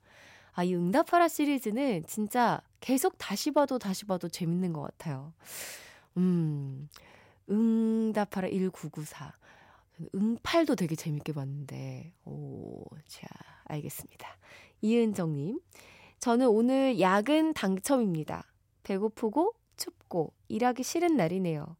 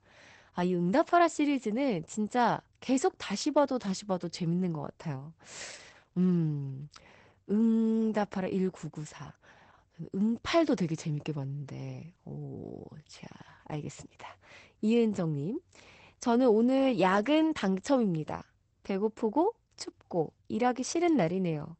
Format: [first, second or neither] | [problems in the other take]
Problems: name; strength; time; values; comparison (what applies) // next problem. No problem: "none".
first | garbled, watery; badly; nothing above 8 kHz